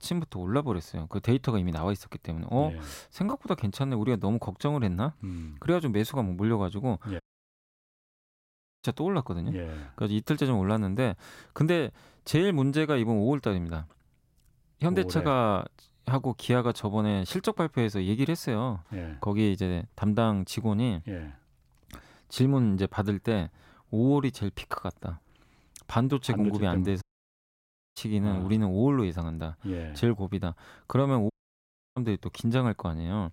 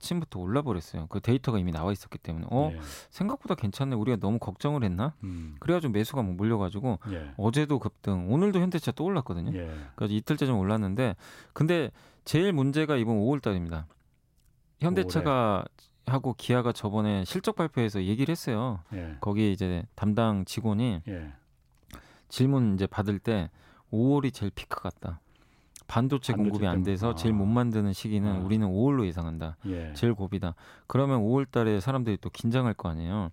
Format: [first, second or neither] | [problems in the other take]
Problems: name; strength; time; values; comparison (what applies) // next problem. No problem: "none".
second | audio cutting out; at 7 s for 1.5 s, at 27 s for 1 s and at 31 s for 0.5 s